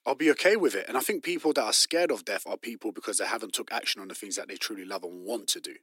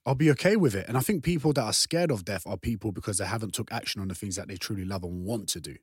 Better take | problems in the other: second | thin; somewhat; fading below 300 Hz

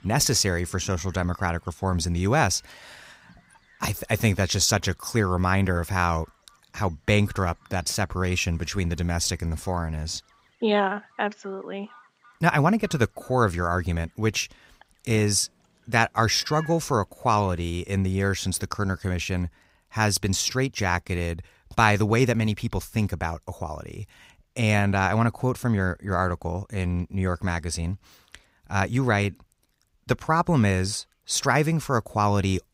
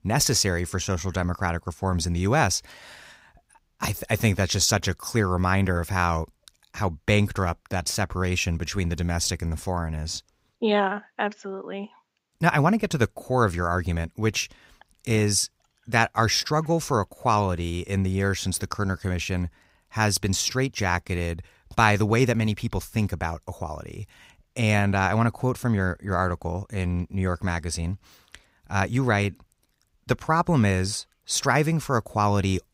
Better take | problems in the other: second | animal sounds; faint; until 18 s; 30 dB below the speech

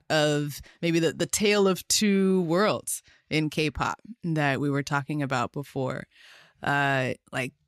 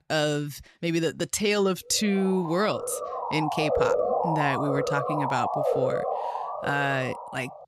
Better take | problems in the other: first | siren; loud; from 2 s on; peak 4 dB above the speech

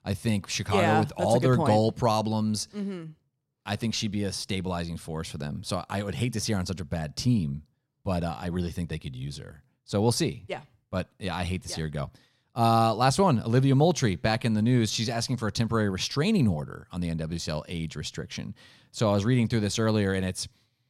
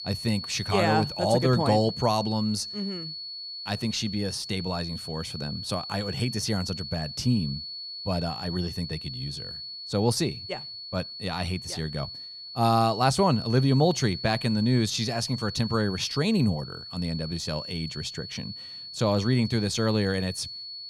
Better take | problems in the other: first | high-pitched whine; loud; throughout; 4.5 kHz, 8 dB below the speech

